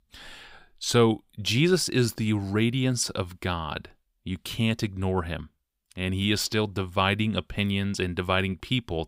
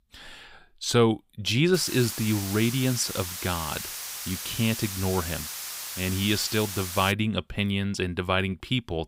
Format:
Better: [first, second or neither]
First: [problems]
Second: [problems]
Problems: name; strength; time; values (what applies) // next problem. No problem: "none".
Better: first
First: none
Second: hiss; loud; from 1.5 to 7 s; 7 dB below the speech